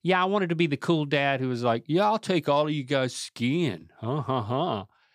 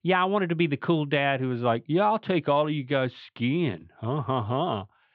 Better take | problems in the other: first | muffled; very; fading above 3 kHz

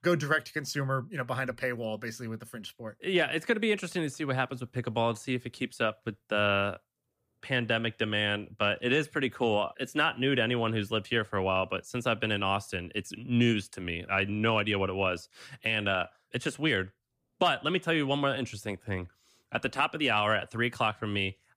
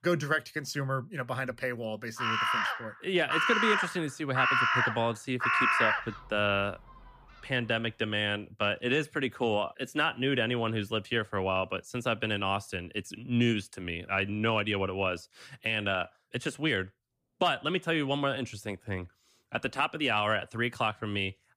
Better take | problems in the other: first | animal sounds; very loud; until 7.5 s; 3 dB above the speech

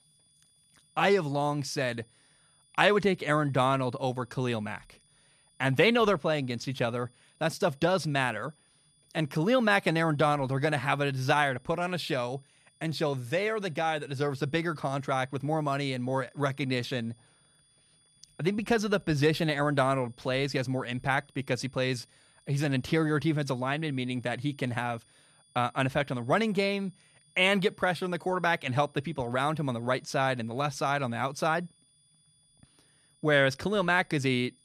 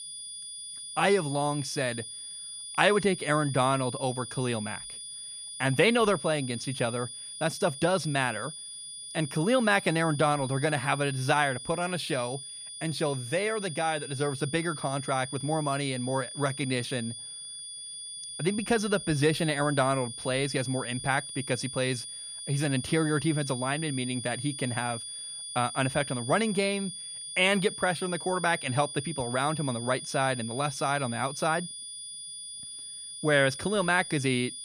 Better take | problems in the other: first | high-pitched whine; loud; throughout; 9.5 kHz, 9 dB below the speech; faint in the first

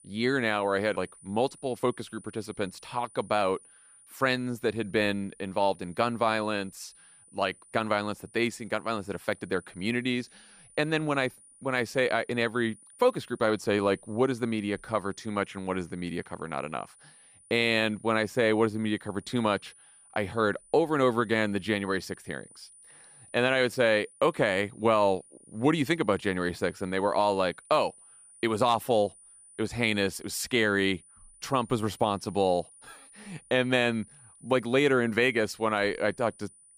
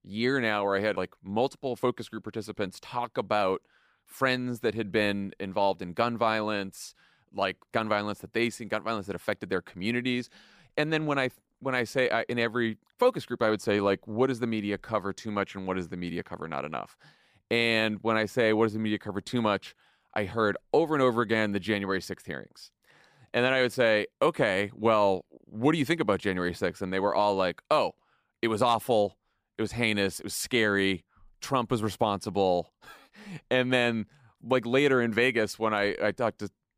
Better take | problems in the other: second | high-pitched whine; faint; throughout; 9.5 kHz, 25 dB below the speech

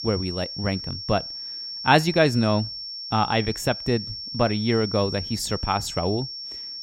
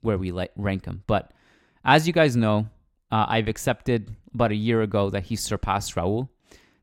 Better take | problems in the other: second | high-pitched whine; loud; throughout; 5.5 kHz, 7 dB below the speech

